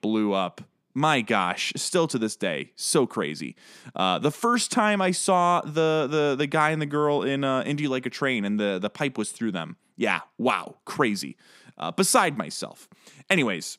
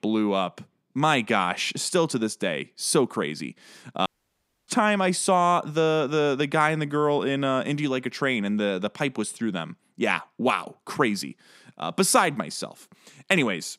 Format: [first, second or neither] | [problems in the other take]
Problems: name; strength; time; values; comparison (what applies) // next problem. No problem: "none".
first | audio cutting out; at 4 s for 0.5 s